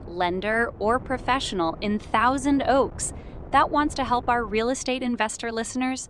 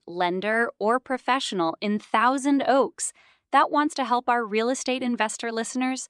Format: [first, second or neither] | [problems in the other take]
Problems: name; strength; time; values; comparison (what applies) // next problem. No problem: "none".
second | wind noise on the microphone; occasional gusts; 25 dB below the speech